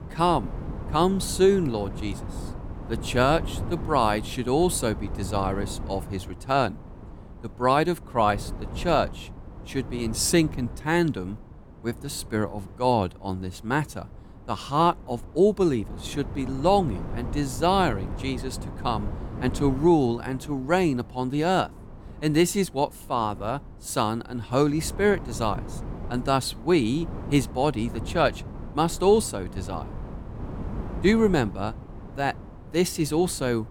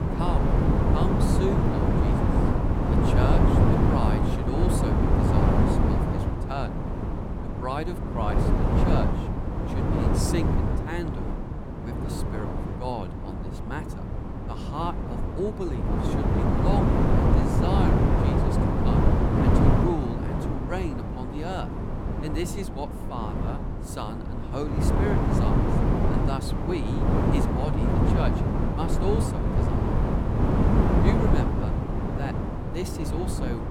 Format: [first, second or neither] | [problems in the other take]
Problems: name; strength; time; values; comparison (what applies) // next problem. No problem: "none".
first | wind noise on the microphone; heavy; 4 dB above the speech; occasional gusts in the first